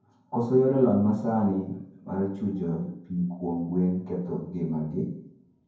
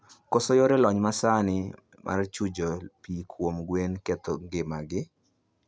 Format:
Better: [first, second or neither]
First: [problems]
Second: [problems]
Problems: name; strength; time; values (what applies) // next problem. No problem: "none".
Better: second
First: room echo; dies away in 0.9 s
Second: none